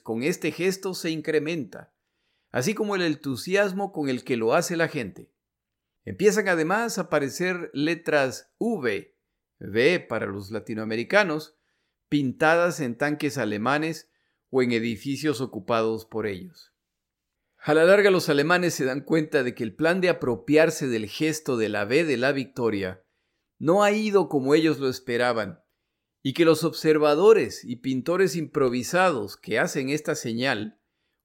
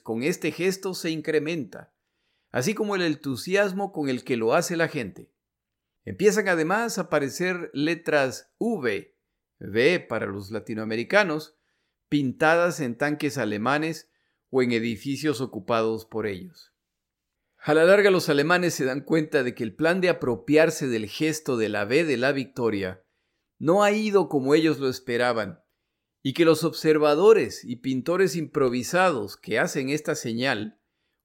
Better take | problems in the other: neither | none

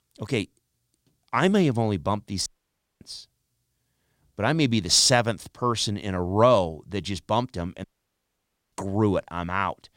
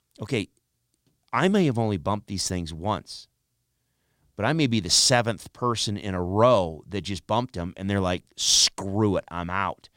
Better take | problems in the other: second | audio cutting out; at 2.5 s for 0.5 s and at 8 s for 1 s

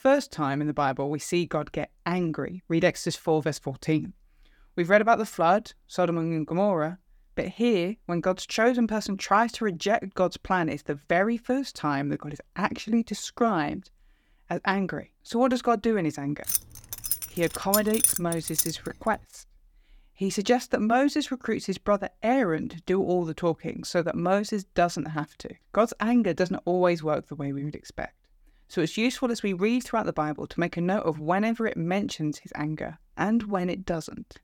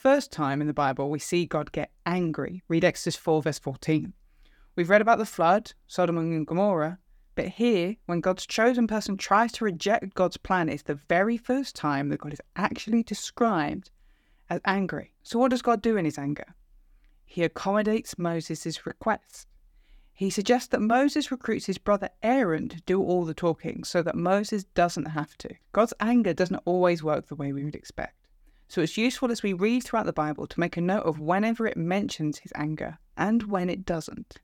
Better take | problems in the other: second | jangling keys; loud; from 16 to 19 s; peak 5 dB above the speech

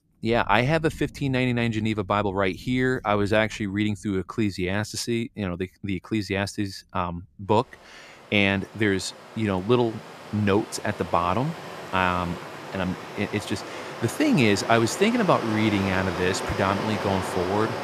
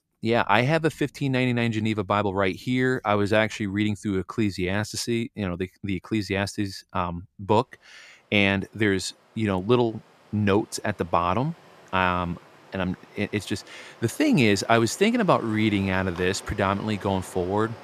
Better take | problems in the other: second | rain or running water; loud; throughout; 10 dB below the speech; faint in the second

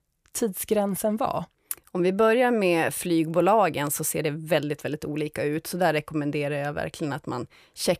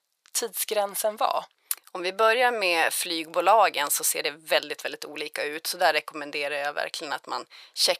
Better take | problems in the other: first | thin; very; fading below 800 Hz

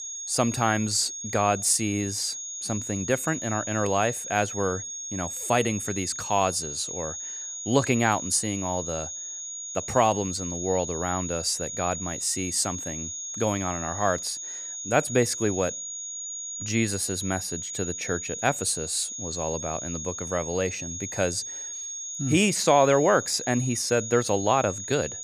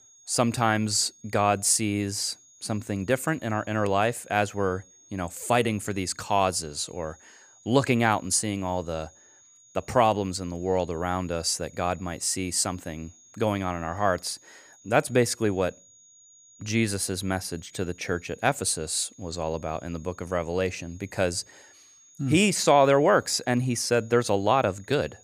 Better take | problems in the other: second | high-pitched whine; loud; throughout; 6.5 kHz, 6 dB below the speech; faint in the second

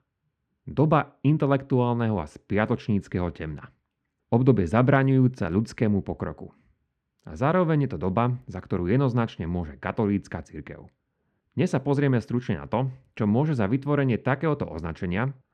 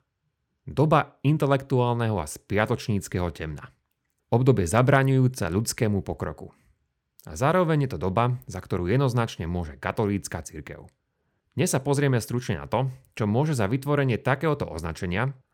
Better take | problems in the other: second | muffled; slightly; fading above 3 kHz

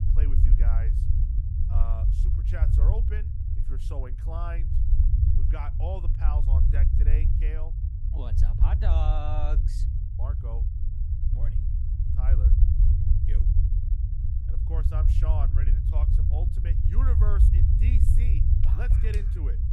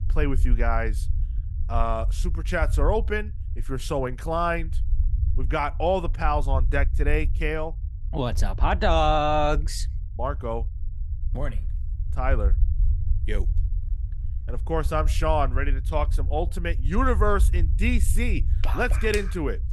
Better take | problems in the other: second | low rumble; loud; throughout; 2 dB below the speech; faint in the second

